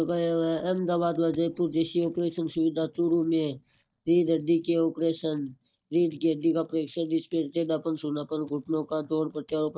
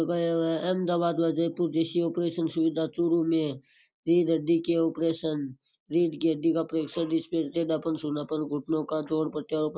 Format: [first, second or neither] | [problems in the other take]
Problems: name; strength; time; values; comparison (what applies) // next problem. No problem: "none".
second | noise reduction (neural mask model DeepFilterNet 3)